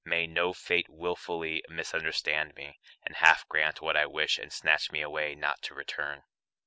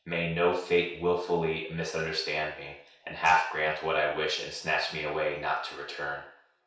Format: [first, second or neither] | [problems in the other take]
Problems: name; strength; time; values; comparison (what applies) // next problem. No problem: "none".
first | room echo; dies away in 0.6 s